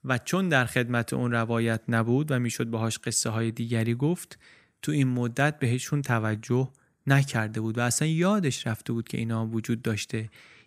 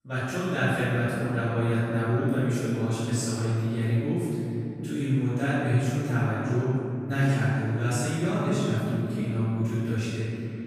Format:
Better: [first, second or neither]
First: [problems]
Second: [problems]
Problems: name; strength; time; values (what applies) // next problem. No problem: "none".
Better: first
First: none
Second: off-mic speech; far // room echo; strong; dies away in 3 s